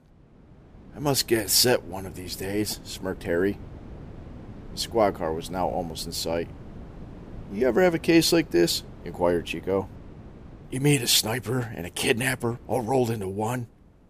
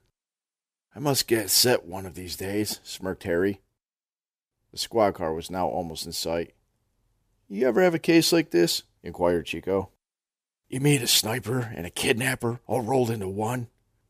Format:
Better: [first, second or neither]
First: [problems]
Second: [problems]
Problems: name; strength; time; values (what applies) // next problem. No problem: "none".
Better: second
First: wind noise on the microphone; occasional gusts; 25 dB below the speech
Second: none